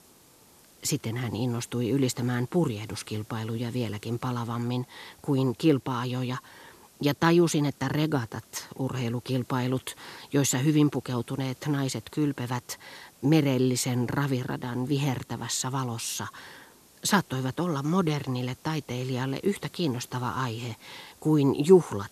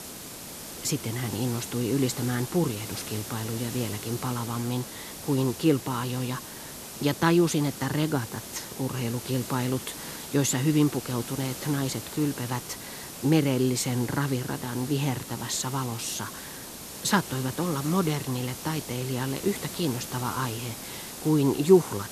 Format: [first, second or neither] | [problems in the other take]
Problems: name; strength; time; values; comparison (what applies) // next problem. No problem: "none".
first | hiss; loud; throughout; 9 dB below the speech; faint in the first